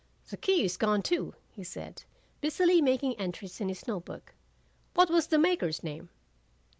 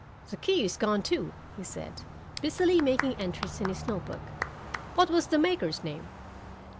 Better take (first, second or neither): first